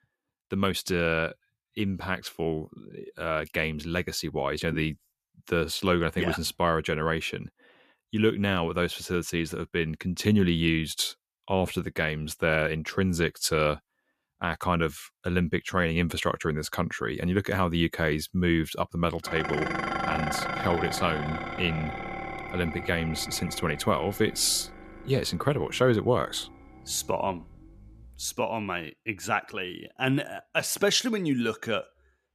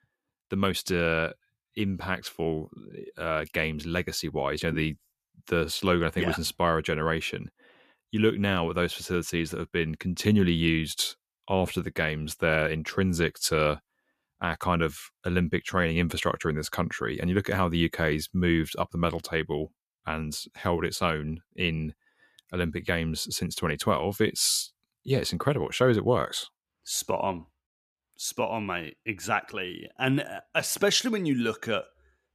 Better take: second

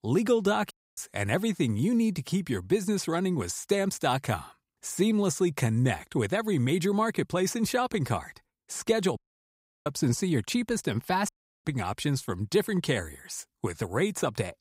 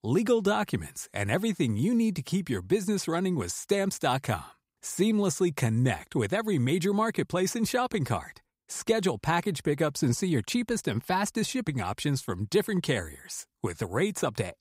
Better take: second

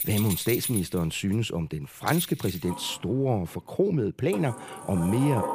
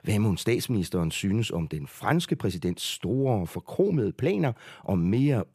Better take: second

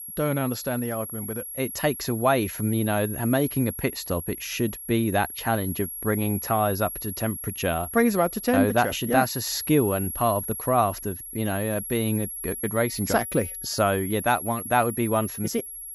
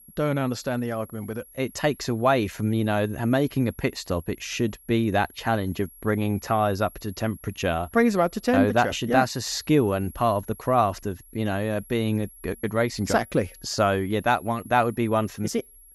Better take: second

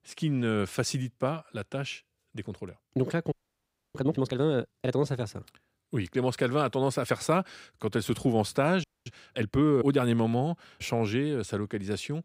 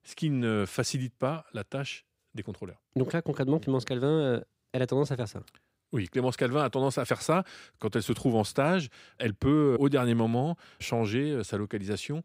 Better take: second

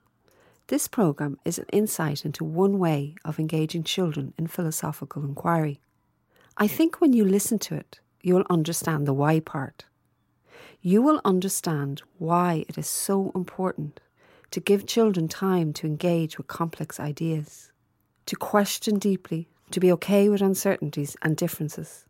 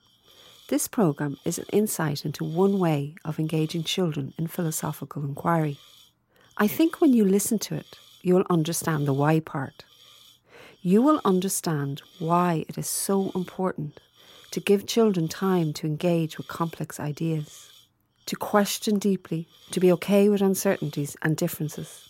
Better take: first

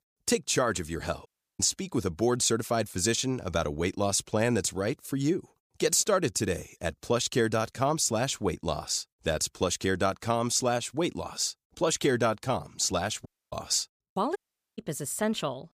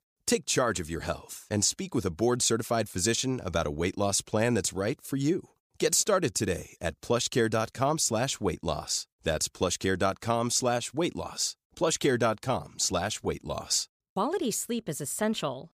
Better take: second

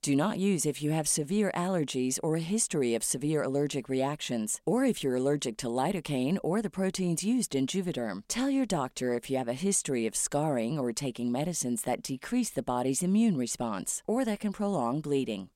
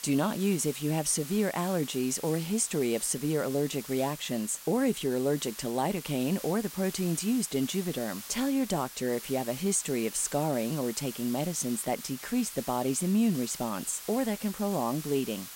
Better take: first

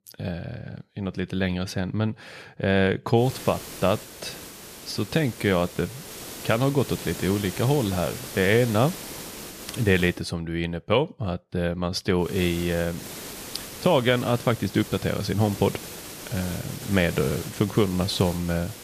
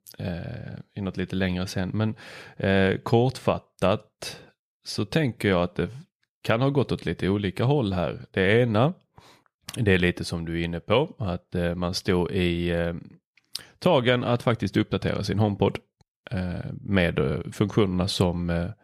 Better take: second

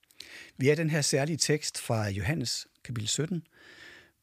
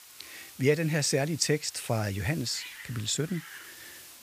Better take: first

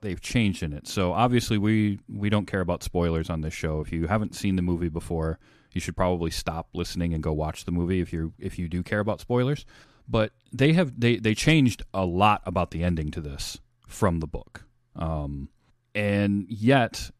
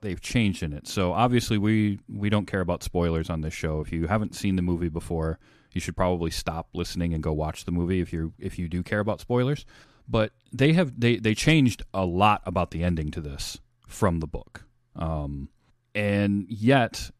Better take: neither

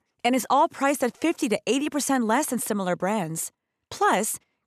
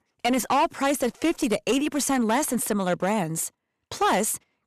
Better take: first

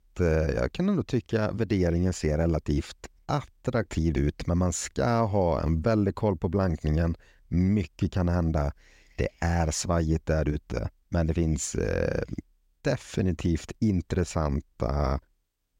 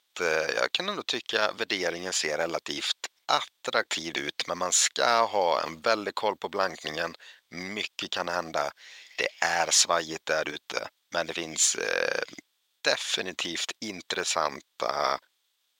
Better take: first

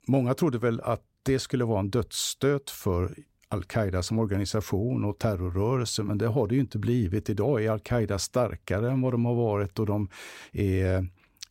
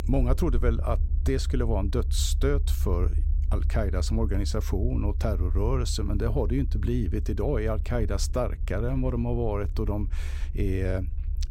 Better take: first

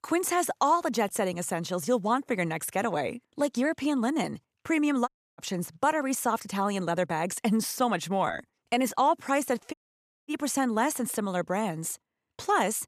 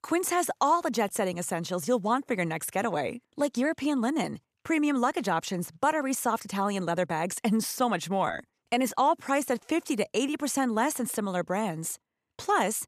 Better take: second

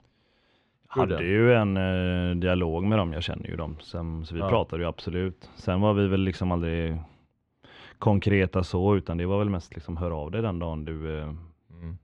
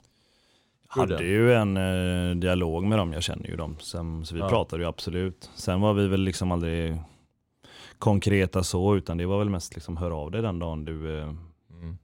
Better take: second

